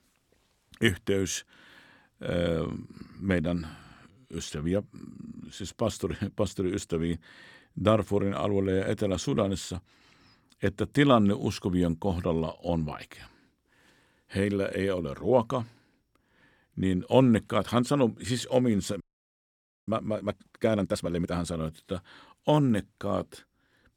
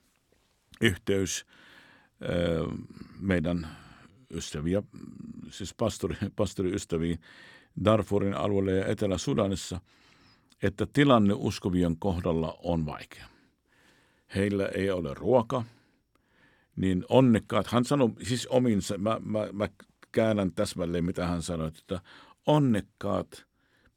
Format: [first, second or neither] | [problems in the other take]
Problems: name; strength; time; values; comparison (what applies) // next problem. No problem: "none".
second | audio freezing; at 19 s for 1 s